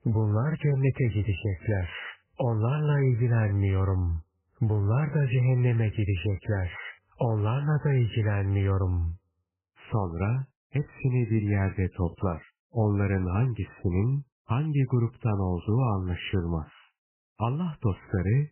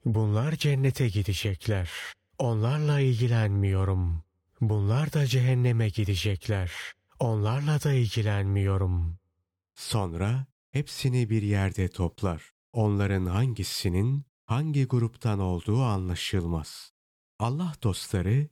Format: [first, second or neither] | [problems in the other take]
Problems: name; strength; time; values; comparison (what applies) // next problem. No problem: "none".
second | garbled, watery; badly; nothing above 3 kHz